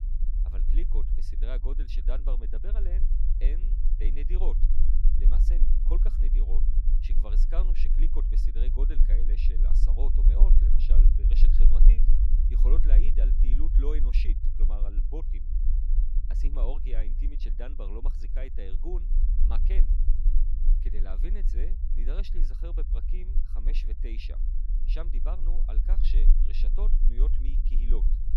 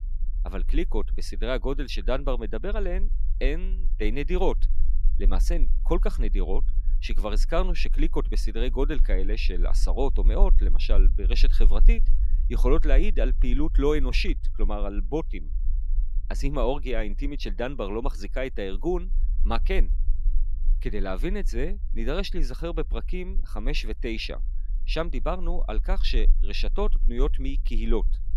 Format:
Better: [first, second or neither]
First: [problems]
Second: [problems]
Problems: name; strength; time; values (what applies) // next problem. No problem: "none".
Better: second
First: low rumble; loud; throughout; 5 dB below the speech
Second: low rumble; faint; throughout; 25 dB below the speech